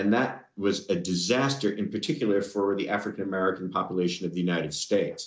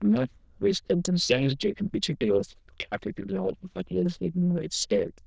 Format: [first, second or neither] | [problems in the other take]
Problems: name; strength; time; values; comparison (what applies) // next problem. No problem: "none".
first | noise reduction (neural diffusion model UNIVERSE++)